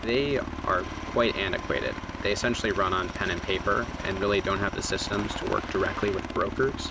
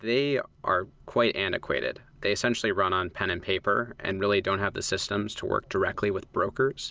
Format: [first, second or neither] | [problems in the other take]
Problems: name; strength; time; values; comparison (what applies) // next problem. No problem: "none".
second | background sound (Aircraft); 7 dB below the speech